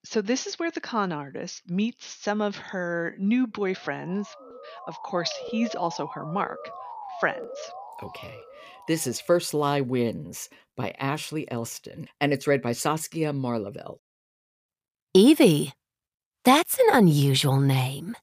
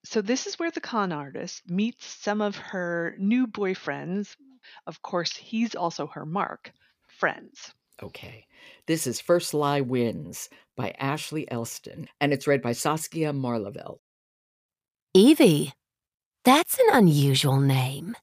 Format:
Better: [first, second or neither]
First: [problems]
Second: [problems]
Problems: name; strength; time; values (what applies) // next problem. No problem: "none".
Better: second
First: siren; faint; from 3.5 to 9 s; peak 10 dB below the speech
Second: none